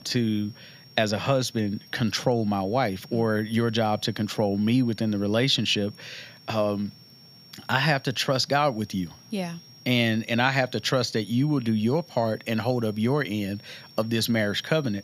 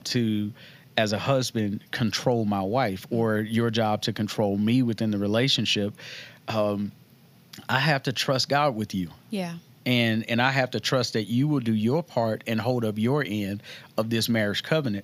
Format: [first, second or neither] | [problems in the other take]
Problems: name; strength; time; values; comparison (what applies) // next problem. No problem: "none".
second | high-pitched whine; faint; throughout; 5.5 kHz, 25 dB below the speech